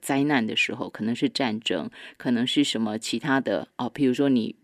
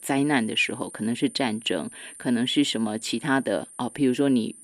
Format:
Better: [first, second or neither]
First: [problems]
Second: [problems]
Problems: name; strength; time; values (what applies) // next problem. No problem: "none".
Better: first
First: none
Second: high-pitched whine; noticeable; throughout; 9 kHz, 15 dB below the speech